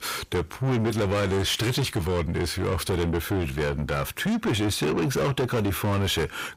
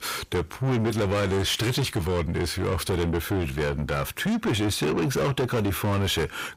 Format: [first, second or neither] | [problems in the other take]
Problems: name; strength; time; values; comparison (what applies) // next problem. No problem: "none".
neither | distortion; heavy; 7 dB below the speech; the same in both